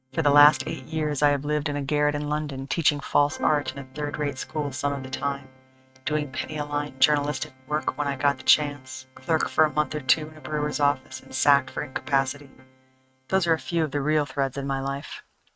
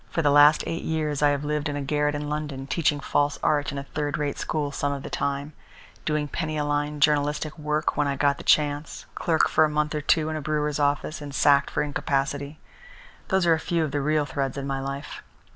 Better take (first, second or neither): second